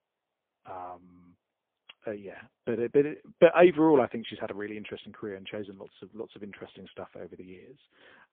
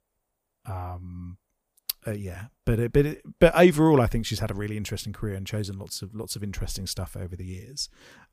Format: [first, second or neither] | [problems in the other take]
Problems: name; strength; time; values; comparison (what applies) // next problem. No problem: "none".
second | phone-call audio; poor line; nothing above 3.5 kHz